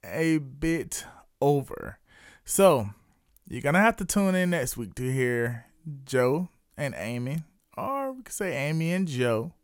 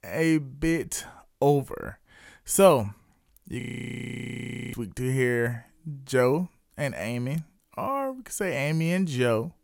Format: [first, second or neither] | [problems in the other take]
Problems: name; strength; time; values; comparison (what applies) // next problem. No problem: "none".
first | audio freezing; at 3.5 s for 1 s